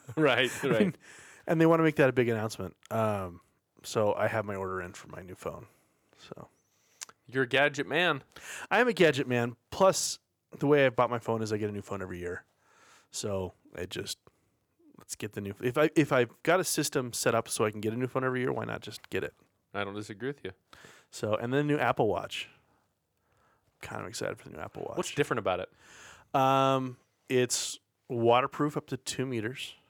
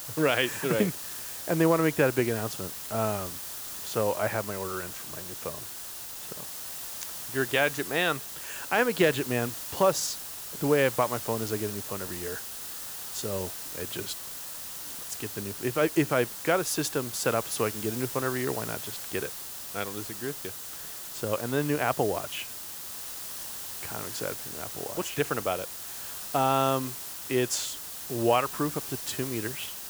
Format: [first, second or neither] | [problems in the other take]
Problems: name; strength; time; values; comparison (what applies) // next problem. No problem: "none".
first | hiss; loud; throughout; 7 dB below the speech